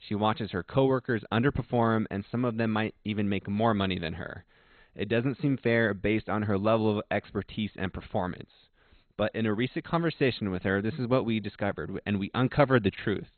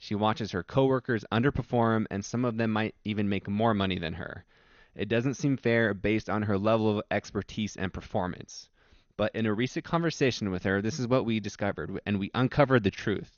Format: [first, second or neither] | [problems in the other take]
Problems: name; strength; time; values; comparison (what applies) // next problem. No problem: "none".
second | garbled, watery; badly; nothing above 4 kHz; slightly in the second